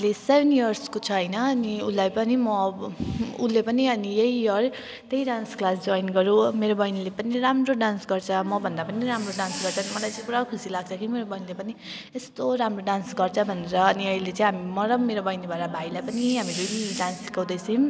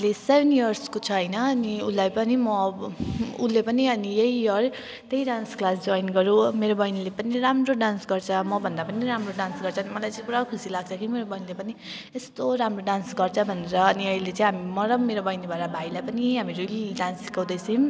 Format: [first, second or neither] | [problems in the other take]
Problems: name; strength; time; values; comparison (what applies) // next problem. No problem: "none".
second | background sound (Hiss); 12 dB below the speech